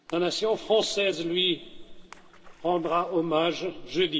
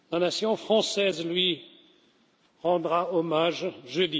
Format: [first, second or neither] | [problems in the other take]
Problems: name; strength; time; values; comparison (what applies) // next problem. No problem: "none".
second | background sound (Splash, splatter); 19 dB below the speech // room echo; dies away in 1.9 s